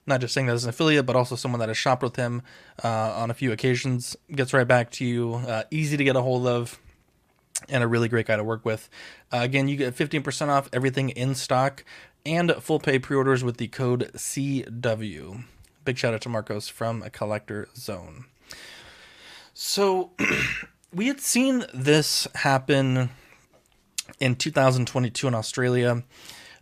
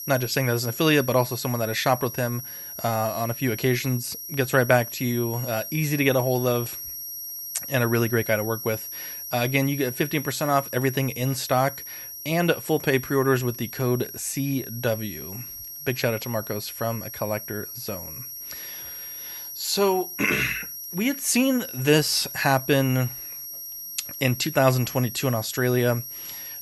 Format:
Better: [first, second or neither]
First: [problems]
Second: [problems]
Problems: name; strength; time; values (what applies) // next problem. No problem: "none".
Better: first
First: none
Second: high-pitched whine; loud; throughout; 11.5 kHz, 9 dB below the speech